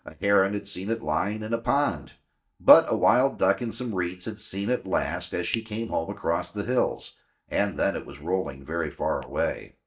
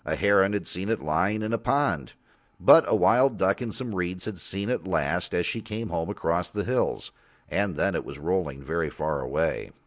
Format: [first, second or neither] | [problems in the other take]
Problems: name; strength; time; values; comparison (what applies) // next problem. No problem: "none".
second | noise reduction (neural mask model DeepFilterNet 3)